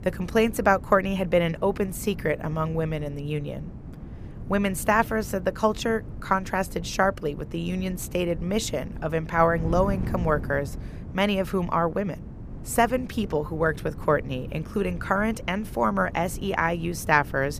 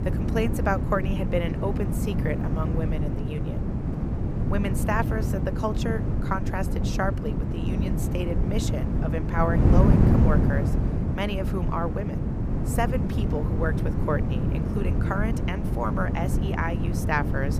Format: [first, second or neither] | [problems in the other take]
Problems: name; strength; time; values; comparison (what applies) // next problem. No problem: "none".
first | wind noise on the microphone; heavy; 4 dB below the speech; occasional gusts in the first